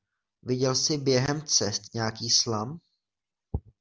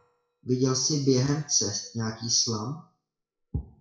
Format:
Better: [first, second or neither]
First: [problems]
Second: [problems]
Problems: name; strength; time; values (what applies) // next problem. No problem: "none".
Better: first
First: none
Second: noise reduction (classical method WPE with log-MMSE)